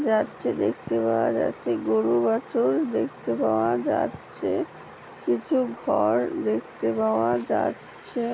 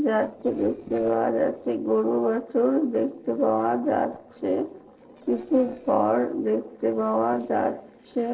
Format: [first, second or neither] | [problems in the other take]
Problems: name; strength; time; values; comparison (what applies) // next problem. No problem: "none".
first | noise reduction (neural separator model SepFormer DNS4)